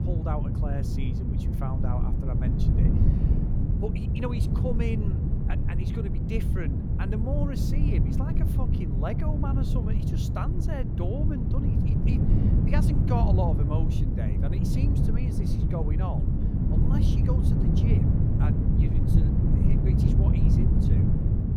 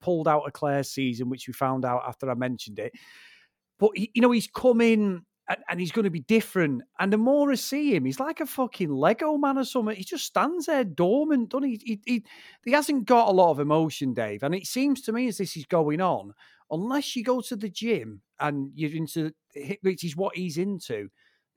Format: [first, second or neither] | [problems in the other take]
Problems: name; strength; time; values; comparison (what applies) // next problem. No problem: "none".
second | wind noise on the microphone; heavy; 2 dB above the speech